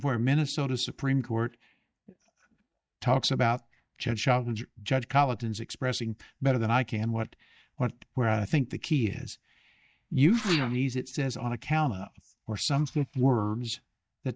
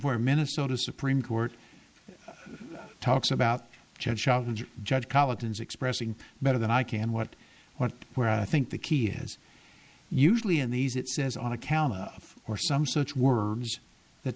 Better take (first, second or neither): second